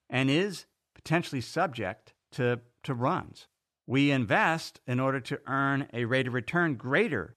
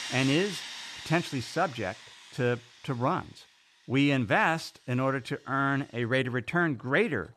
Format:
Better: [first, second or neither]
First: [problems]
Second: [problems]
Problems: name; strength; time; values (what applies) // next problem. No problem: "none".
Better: first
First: none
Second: machinery noise; noticeable; throughout; 10 dB below the speech